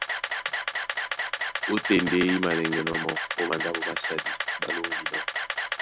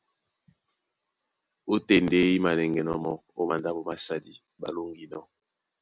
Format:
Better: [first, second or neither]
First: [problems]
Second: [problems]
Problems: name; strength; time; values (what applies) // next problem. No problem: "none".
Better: second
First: background sound (Camera); as loud as the speech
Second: none